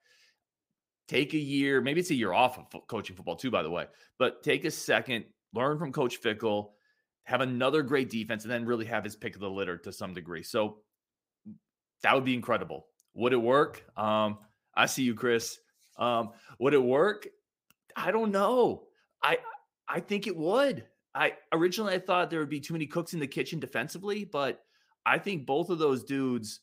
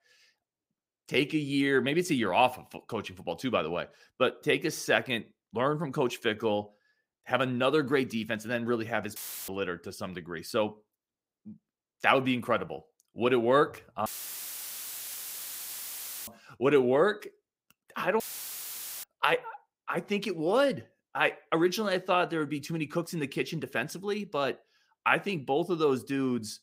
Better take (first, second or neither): first